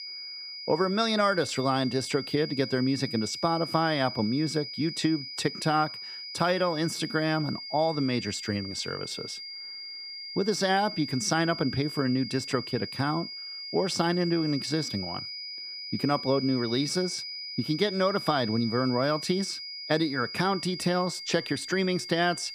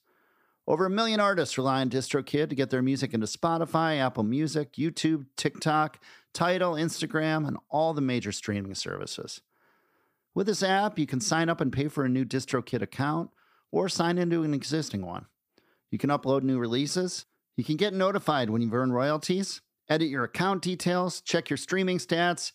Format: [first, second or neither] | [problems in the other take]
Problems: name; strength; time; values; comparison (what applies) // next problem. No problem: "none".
second | high-pitched whine; loud; throughout; 5 kHz, 8 dB below the speech